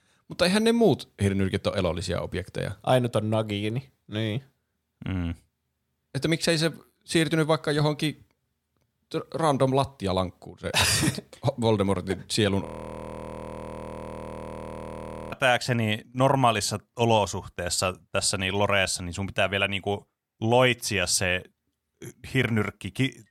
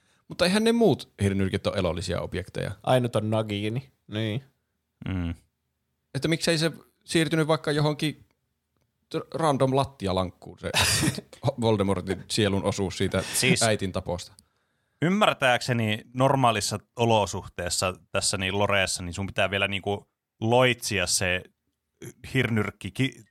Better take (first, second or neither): second